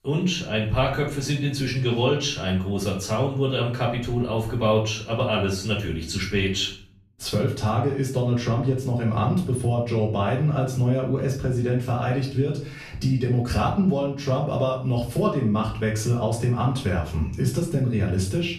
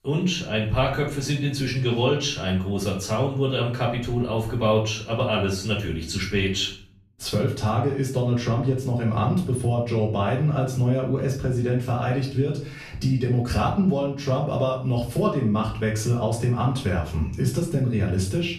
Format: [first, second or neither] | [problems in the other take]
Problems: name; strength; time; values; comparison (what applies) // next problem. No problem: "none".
neither | off-mic speech; far; the same in both // room echo; slight; dies away in 0.5 s; the same in both